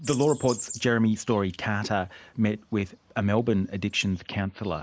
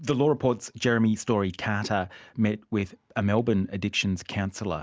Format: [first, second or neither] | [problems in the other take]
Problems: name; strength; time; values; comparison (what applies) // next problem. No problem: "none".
second | noise reduction (neural mask model Resemble Enhance denoiser)